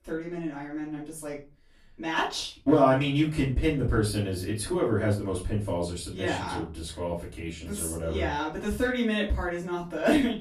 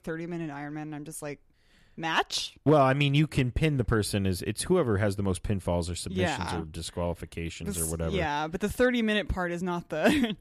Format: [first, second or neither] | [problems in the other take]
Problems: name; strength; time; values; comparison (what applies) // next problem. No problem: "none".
second | off-mic speech; far // room echo; slight; dies away in 0.3 s